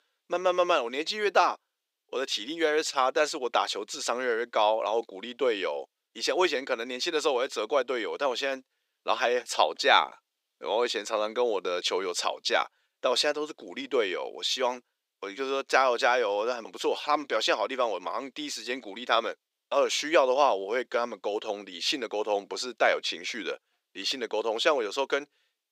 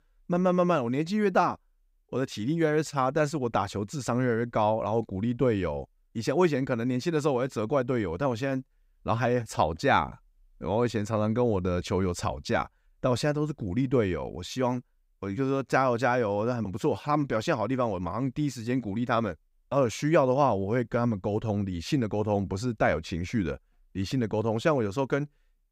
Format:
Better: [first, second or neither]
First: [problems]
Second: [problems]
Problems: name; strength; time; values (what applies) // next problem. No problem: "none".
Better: second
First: thin; very; fading below 400 Hz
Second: none